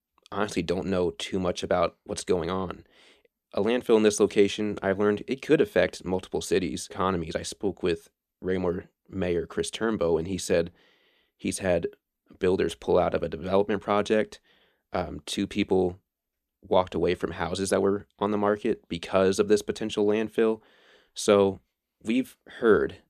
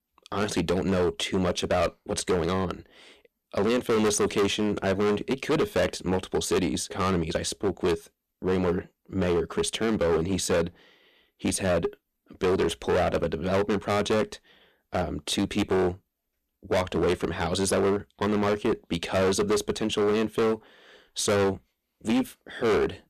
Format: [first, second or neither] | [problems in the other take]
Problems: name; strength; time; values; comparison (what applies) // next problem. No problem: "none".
first | distortion; heavy; 14% of the sound clipped